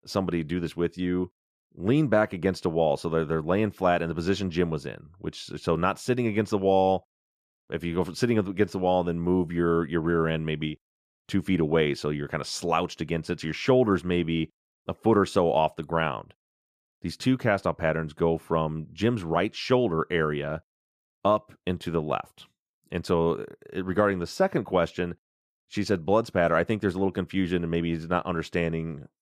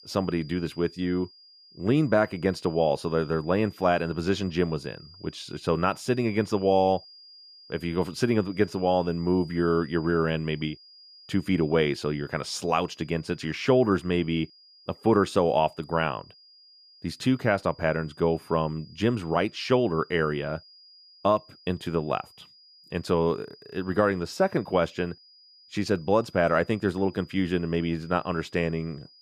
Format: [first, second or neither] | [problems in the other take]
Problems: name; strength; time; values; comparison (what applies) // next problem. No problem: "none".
first | high-pitched whine; faint; throughout; 5 kHz, 25 dB below the speech